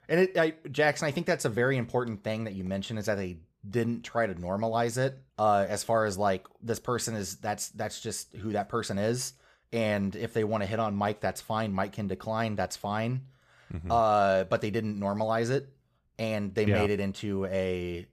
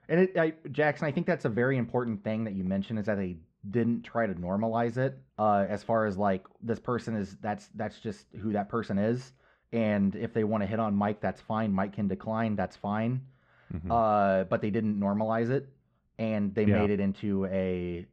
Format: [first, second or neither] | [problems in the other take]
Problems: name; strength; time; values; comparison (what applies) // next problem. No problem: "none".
first | muffled; very; fading above 2.5 kHz